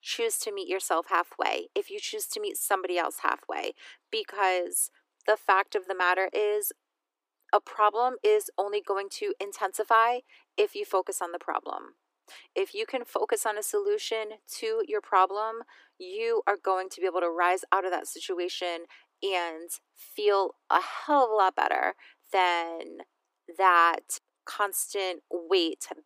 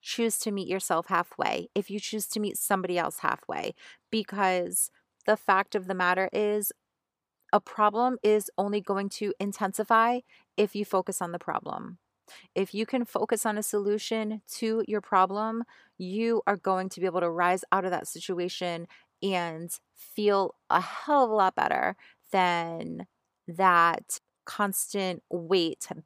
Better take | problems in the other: second | thin; very; fading below 300 Hz

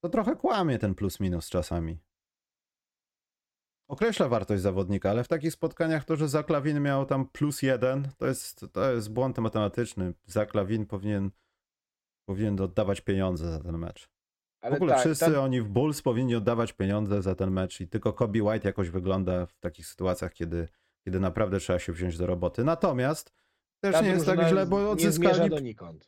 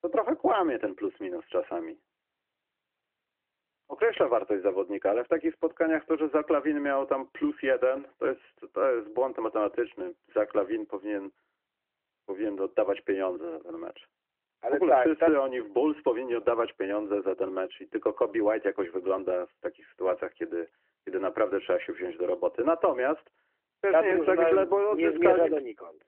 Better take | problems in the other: first | phone-call audio

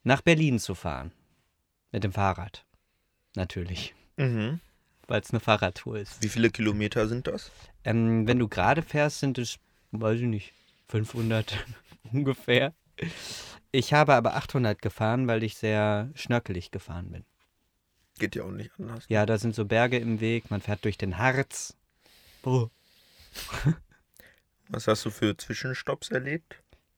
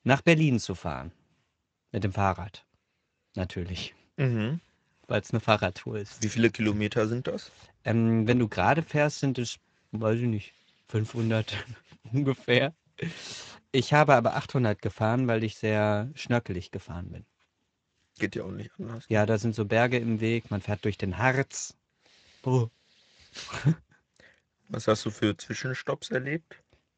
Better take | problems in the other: first | garbled, watery; slightly; nothing above 7.5 kHz

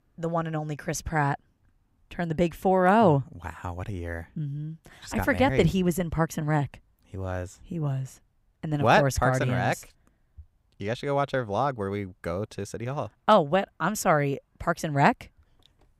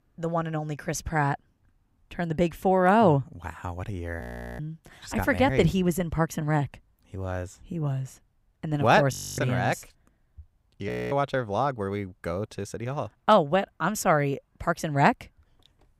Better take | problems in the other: first | audio freezing; at 4 s, at 9 s and at 11 s

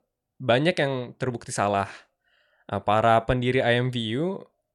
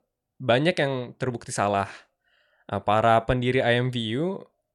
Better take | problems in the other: neither | none

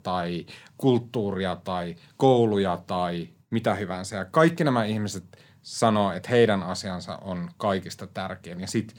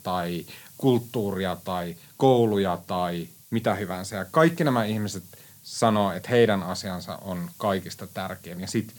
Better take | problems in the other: first | hiss; faint; throughout; 20 dB below the speech

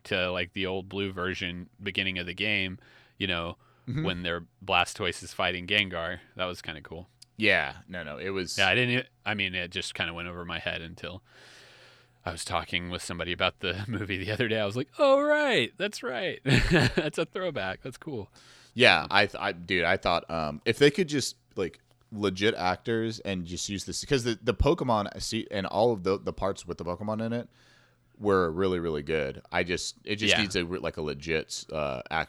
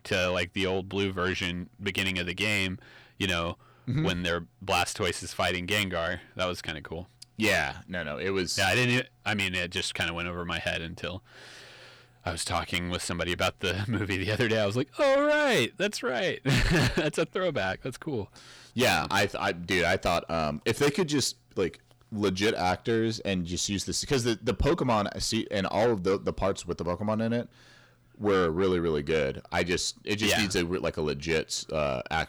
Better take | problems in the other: first | distortion; heavy; 7 dB below the speech

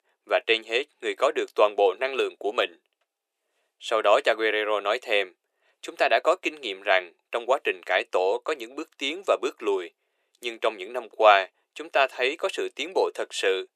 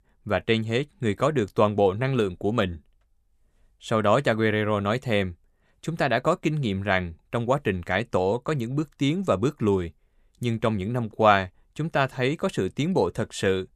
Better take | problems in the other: second | thin; very; fading below 350 Hz

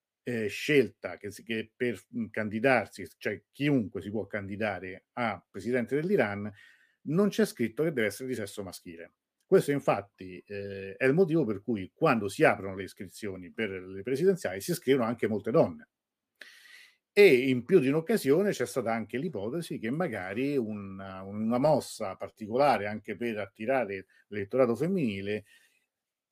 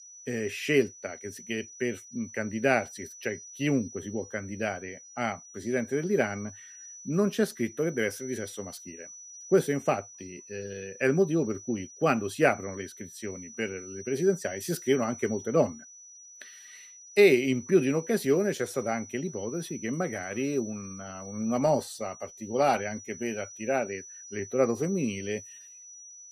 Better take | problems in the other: first | high-pitched whine; noticeable; throughout; 6 kHz, 15 dB below the speech

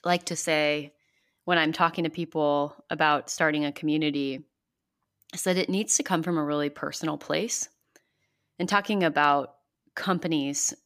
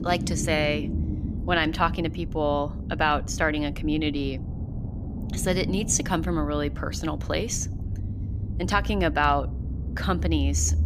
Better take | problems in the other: first | low rumble; noticeable; throughout; 15 dB below the speech

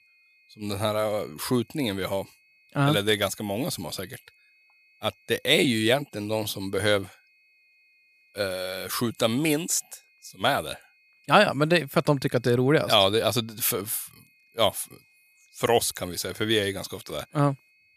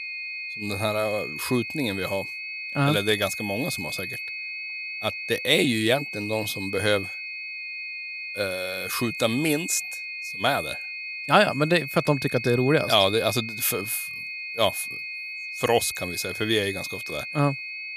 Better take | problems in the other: first | high-pitched whine; loud; throughout; 2.5 kHz, 7 dB below the speech; faint in the first

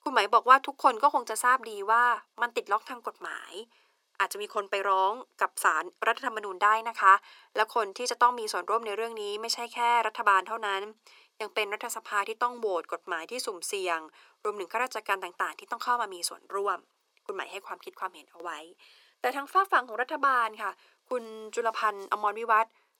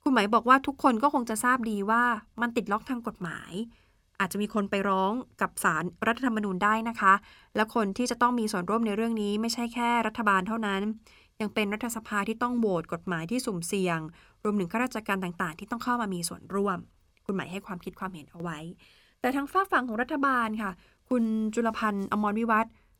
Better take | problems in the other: second | thin; very; fading below 350 Hz

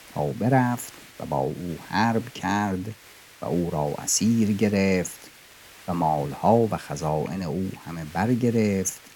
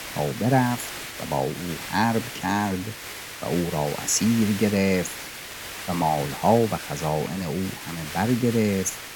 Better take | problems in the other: first | hiss; loud; throughout; 9 dB below the speech; faint in the first

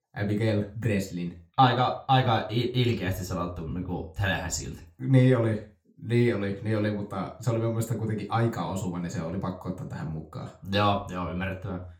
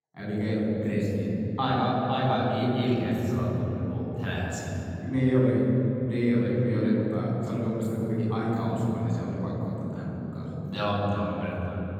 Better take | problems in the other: first | room echo; strong; dies away in 3 s; slight in the first // off-mic speech; far; somewhat distant in the first

